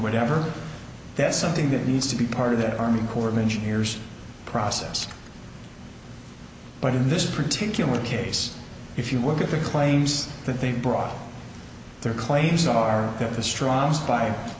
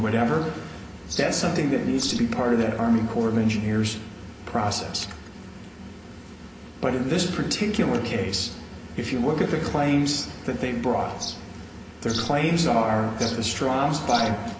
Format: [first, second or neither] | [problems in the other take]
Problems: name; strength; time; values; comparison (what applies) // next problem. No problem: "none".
first | background sound (Bird vocalization, bird call, bird song); 12 dB below the speech // room echo; dies away in 0.3 s